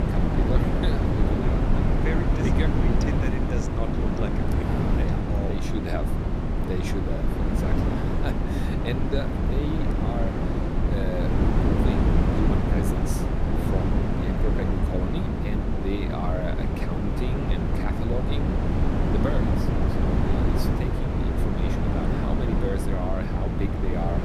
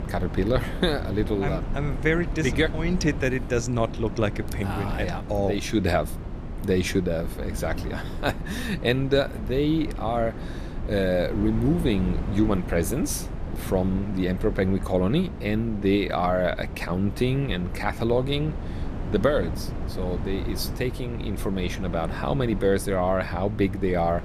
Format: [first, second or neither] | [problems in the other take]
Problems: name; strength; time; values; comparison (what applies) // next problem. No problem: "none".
second | wind noise on the microphone; heavy; 4 dB above the speech; occasional gusts in the second